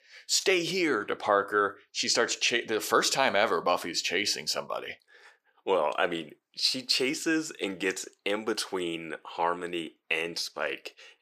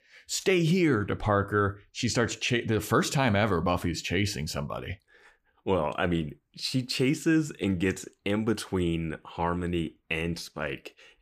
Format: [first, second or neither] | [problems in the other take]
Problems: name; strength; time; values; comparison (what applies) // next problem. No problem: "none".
second | thin; somewhat; fading below 500 Hz